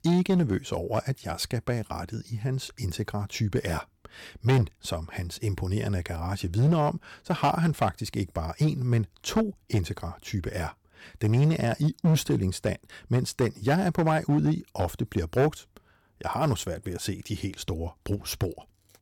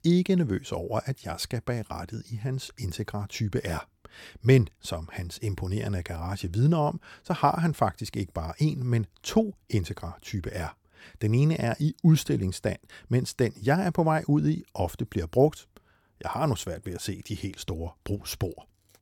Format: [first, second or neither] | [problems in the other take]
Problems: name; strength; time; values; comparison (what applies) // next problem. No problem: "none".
second | distortion; slight; 4% of the sound clipped